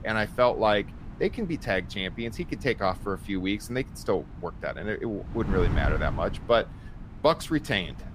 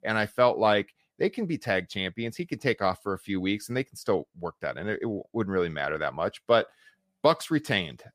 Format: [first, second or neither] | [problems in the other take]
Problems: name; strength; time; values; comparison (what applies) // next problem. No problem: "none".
second | wind noise on the microphone; occasional gusts; 20 dB below the speech